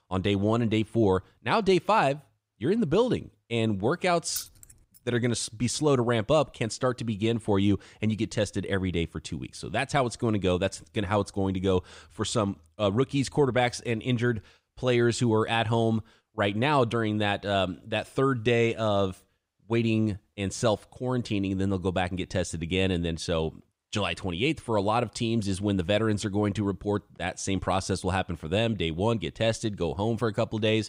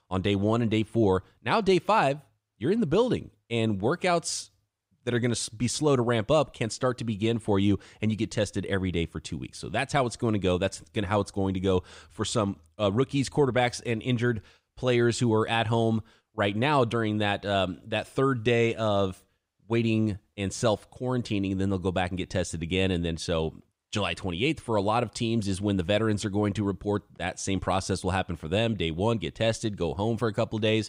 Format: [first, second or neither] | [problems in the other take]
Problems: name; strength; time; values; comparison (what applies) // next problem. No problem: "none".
second | jangling keys; faint; at 4.5 s; peak 10 dB below the speech